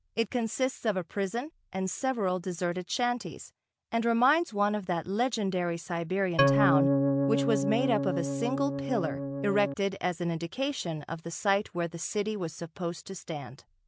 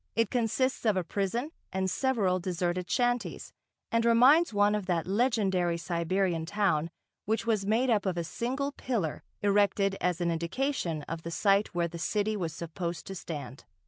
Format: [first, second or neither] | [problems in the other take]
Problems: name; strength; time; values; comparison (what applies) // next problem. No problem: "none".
second | background sound (Organ); 3 dB above the speech